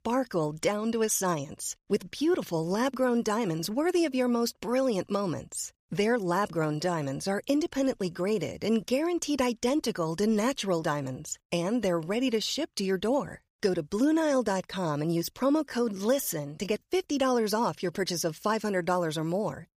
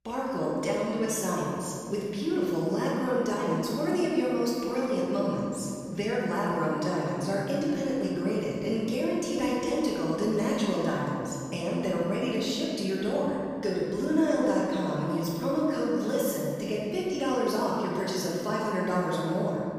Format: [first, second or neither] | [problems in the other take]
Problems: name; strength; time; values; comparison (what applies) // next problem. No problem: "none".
first | room echo; strong; dies away in 2.4 s // off-mic speech; far